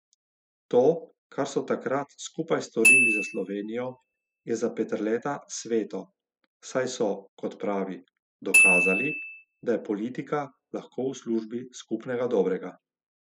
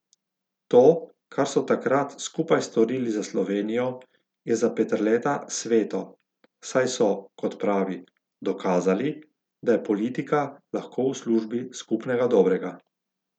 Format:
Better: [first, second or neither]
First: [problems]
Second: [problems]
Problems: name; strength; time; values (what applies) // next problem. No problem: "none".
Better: second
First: noise reduction (classical method spectral subtraction)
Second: none